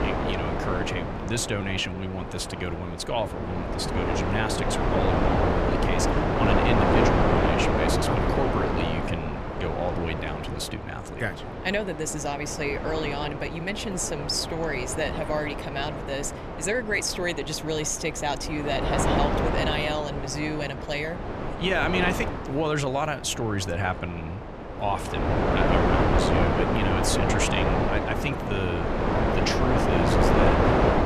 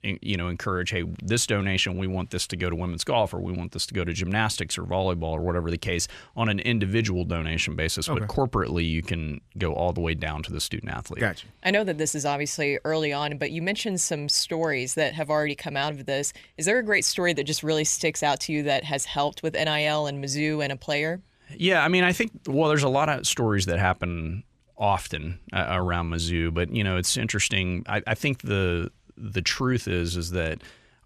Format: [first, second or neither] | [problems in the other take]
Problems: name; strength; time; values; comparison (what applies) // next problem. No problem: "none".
second | wind noise on the microphone; heavy; 2 dB above the speech